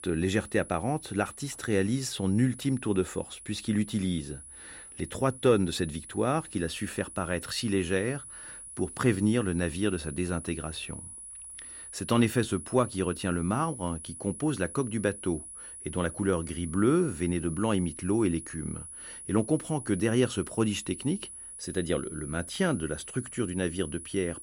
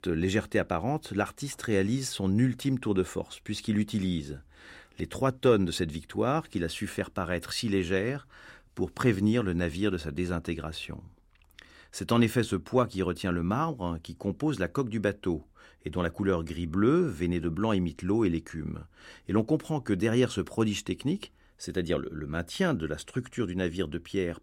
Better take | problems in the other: second | high-pitched whine; noticeable; throughout; 10.5 kHz, 10 dB below the speech

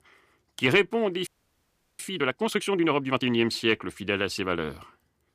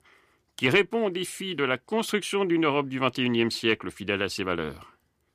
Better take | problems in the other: second | audio freezing; at 1.5 s for 0.5 s

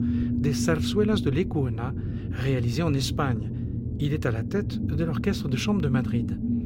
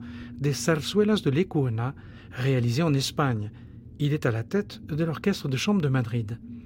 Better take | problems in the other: second | low rumble; loud; throughout; 7 dB below the speech; faint in the second

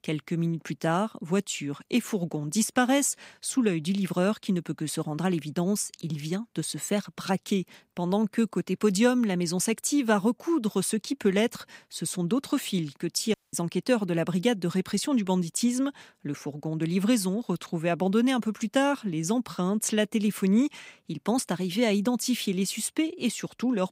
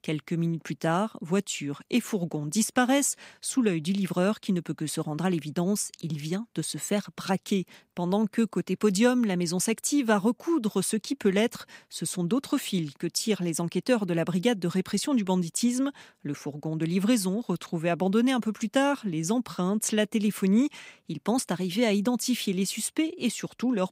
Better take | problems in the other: second | audio cutting out; at 13 s

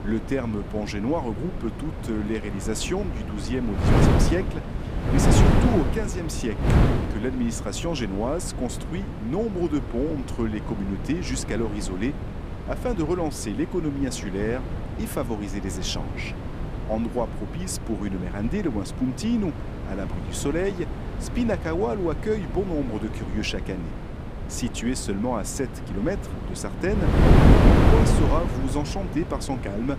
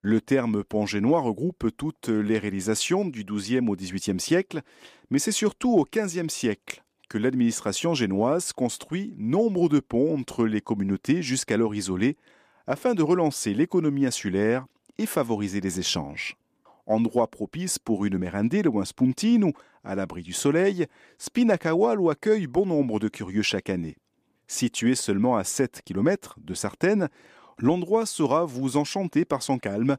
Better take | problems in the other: second | wind noise on the microphone; heavy; 2 dB below the speech

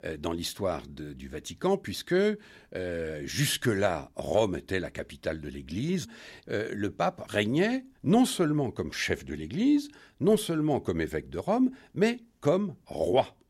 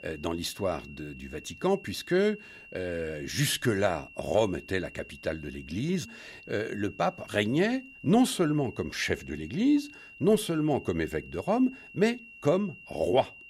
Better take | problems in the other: first | high-pitched whine; noticeable; throughout; 2.5 kHz, 20 dB below the speech

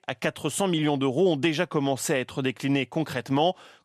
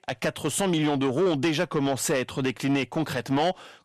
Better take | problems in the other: first | distortion; slight; 10 dB below the speech

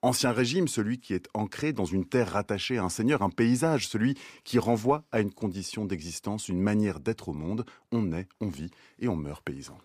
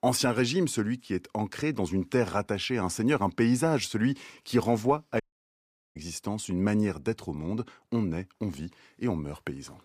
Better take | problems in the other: first | audio cutting out; at 5 s for 1 s

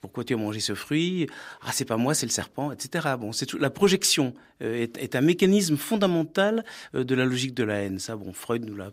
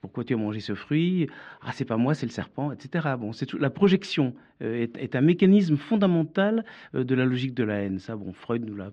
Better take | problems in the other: first | muffled; slightly; fading above 3 kHz

